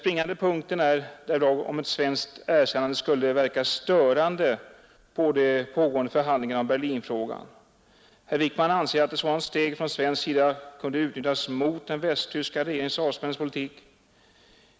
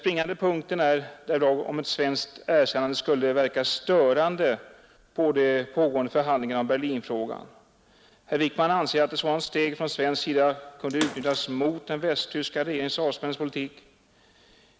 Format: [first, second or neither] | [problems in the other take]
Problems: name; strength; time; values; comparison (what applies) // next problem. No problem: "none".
first | background sound (Bathtub (filling or washing) / Water / Splash, splatter); 15 dB below the speech